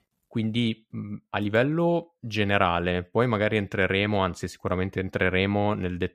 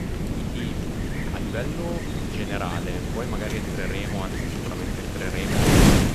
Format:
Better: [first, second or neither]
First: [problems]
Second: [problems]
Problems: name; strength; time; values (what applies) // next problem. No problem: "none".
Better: first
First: none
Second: wind noise on the microphone; heavy; 5 dB above the speech